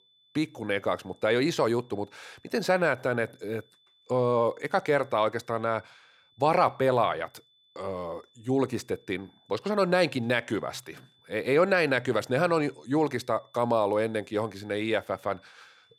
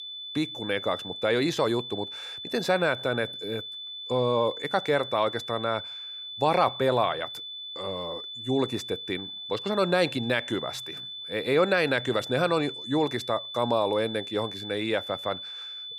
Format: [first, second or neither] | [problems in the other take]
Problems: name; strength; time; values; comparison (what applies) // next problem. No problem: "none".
first | high-pitched whine; loud; throughout; 3.5 kHz, 8 dB below the speech; faint in the first